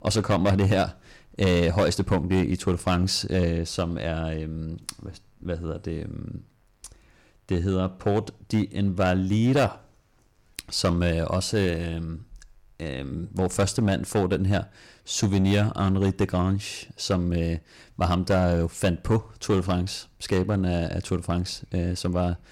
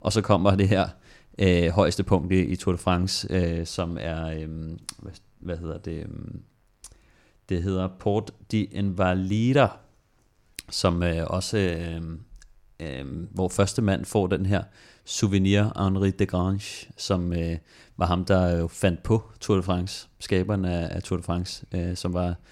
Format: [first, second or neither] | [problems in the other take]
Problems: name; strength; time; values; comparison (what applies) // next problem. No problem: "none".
second | distortion; slight; 5% of the sound clipped